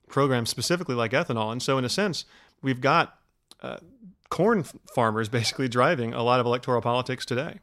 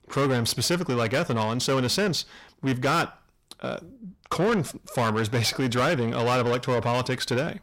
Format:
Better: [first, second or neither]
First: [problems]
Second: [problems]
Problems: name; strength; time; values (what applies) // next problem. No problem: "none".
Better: first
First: none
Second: distortion; heavy; 7 dB below the speech